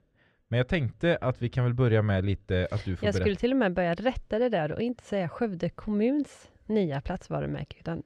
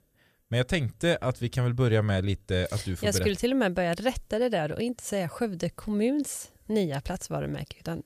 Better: second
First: muffled; slightly; fading above 3 kHz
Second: none

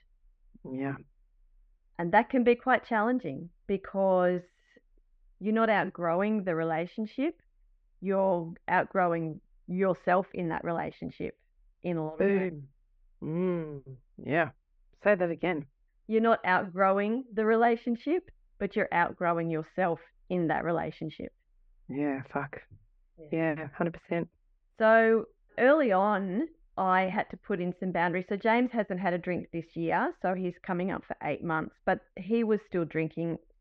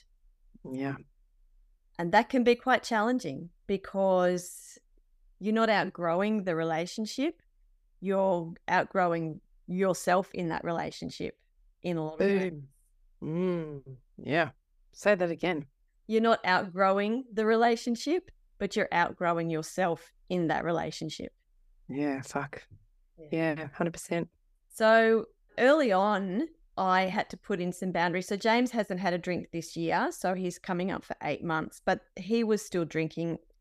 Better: second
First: muffled; very; fading above 2.5 kHz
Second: none

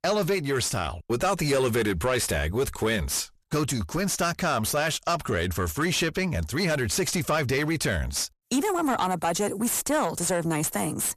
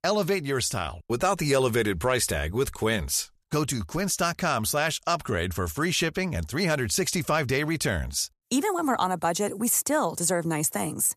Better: second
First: distortion; slight; 10 dB below the speech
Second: none

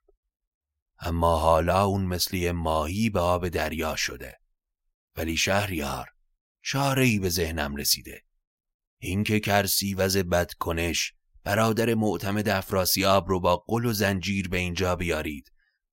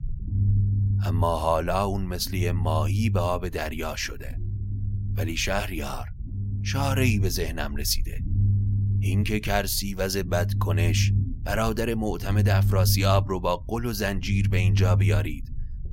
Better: first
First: none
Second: low rumble; noticeable; throughout; 10 dB below the speech

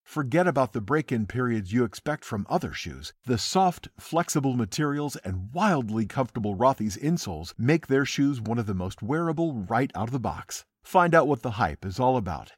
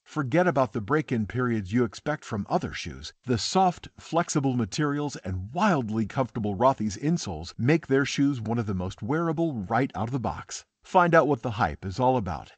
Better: first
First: none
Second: garbled, watery; slightly; nothing above 7.5 kHz

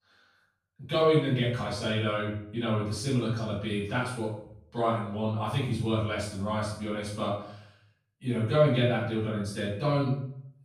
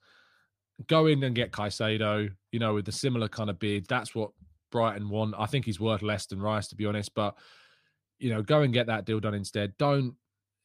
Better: second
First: off-mic speech; far // room echo; noticeable; dies away in 0.6 s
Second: none

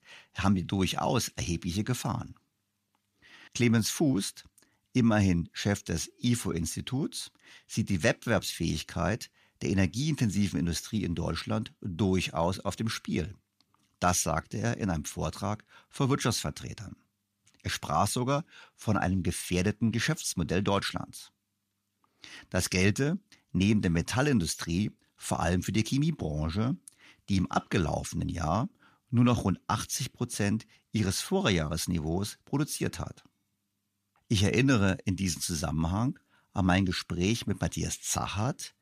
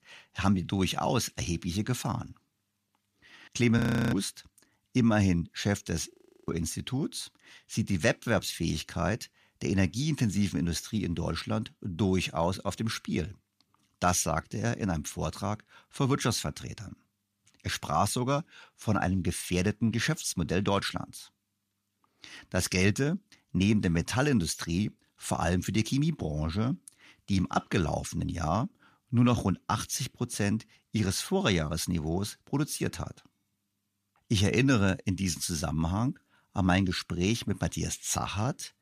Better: first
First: none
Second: audio freezing; at 4 s and at 6 s

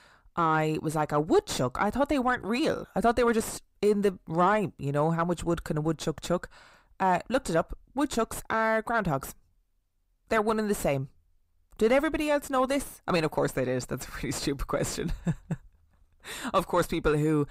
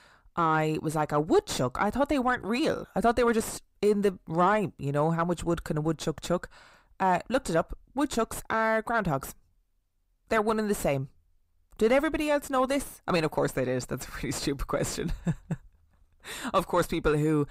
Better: neither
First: distortion; slight; 9 dB below the speech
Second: distortion; slight; 9 dB below the speech

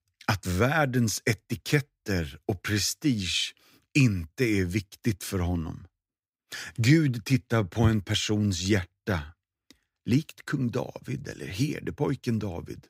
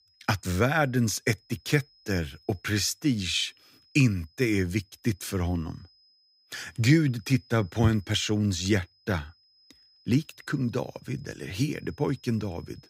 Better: first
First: none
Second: high-pitched whine; faint; throughout; 5 kHz, 30 dB below the speech

